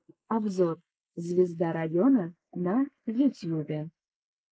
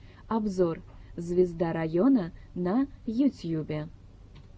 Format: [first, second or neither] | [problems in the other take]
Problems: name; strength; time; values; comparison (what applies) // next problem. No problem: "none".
second | noise reduction (neural mask model Resemble Enhance denoiser)